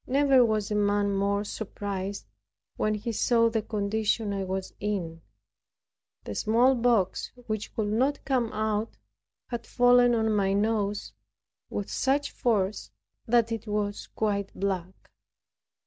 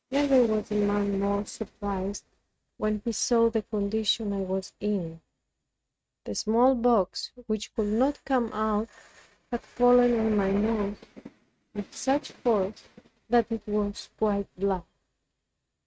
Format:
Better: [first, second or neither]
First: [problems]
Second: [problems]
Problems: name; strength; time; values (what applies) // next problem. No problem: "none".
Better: first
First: none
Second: noise reduction (neural mask model RNNoise)